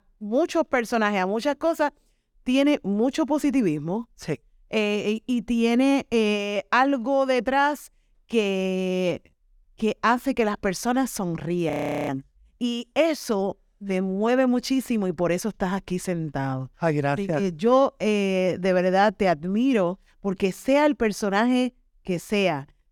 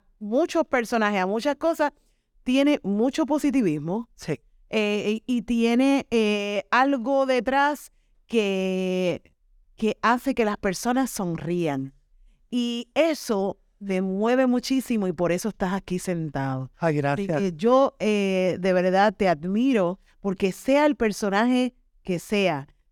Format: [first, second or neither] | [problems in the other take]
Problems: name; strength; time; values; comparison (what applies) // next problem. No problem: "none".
second | audio freezing; at 12 s